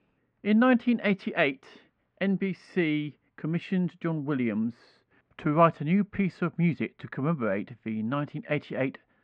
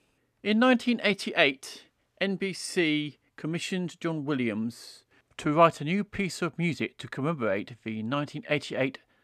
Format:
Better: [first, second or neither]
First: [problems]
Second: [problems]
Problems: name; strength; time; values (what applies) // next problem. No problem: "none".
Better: second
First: muffled; very; fading above 2 kHz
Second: none